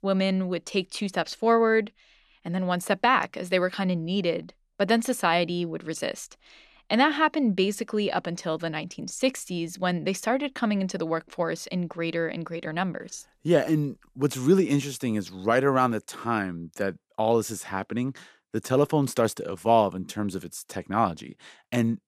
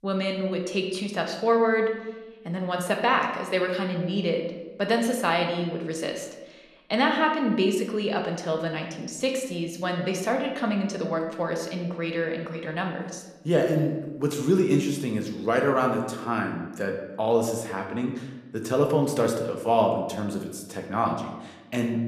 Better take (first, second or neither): first